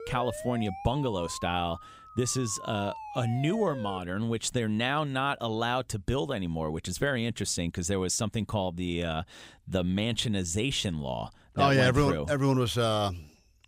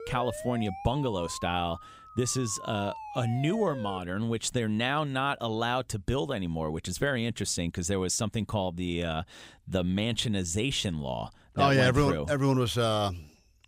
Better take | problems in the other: neither | siren; faint; until 4 s; peak 10 dB below the speech; the same in both

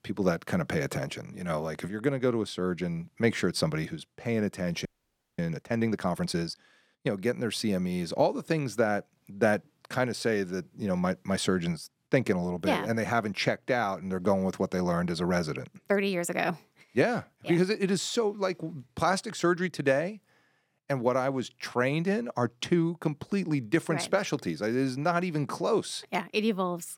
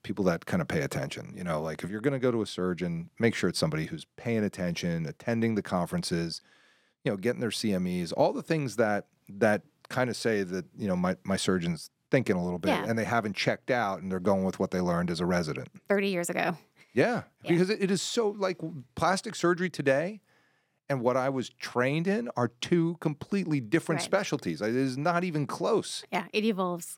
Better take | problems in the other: second | audio freezing; at 5 s for 0.5 s

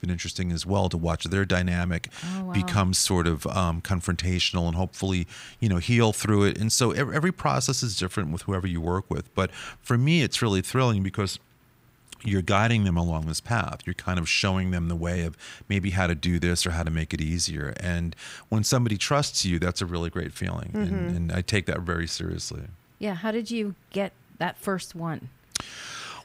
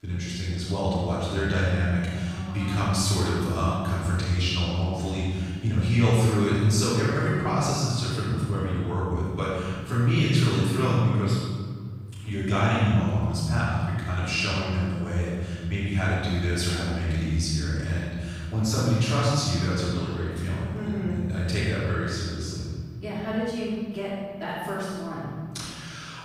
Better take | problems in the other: first | off-mic speech; far // room echo; strong; dies away in 2.1 s

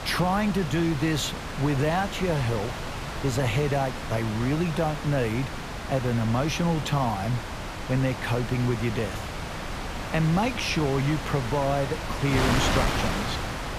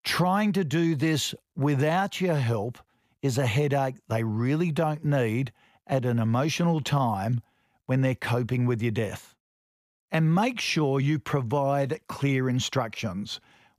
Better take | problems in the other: second | wind noise on the microphone; heavy; 3 dB below the speech

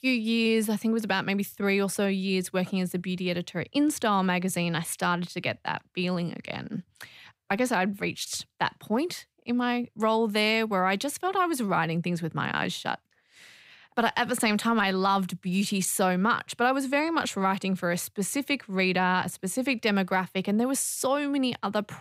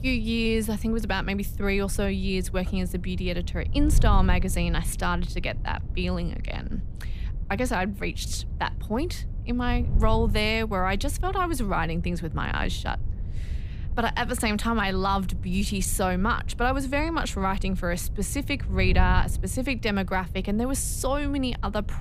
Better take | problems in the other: first | wind noise on the microphone; occasional gusts; 20 dB below the speech

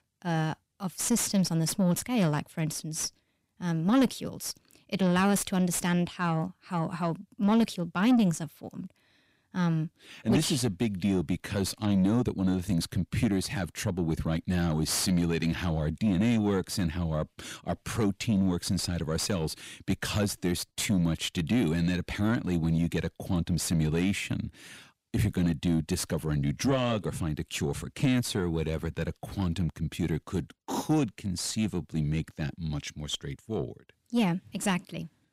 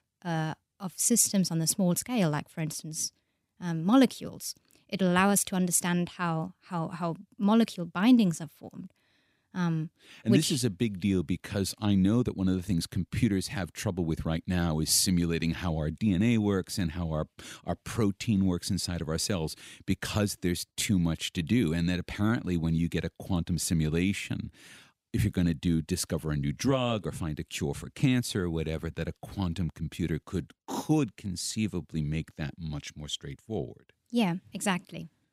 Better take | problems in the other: second | distortion; slight; 10 dB below the speech

